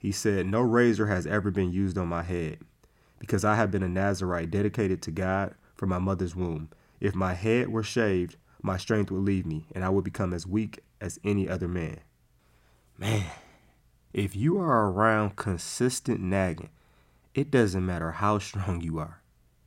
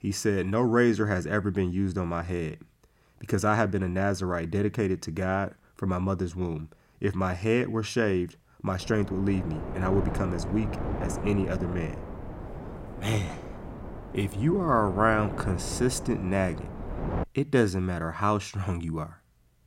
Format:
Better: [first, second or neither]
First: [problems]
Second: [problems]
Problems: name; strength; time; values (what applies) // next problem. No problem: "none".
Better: first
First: none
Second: wind noise on the microphone; occasional gusts; from 9 to 17 s; 10 dB below the speech